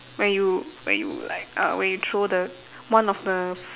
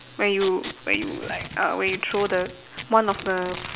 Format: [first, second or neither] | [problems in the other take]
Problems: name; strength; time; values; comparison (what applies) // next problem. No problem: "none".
first | background sound (Packing tape, duct tape); 14 dB below the speech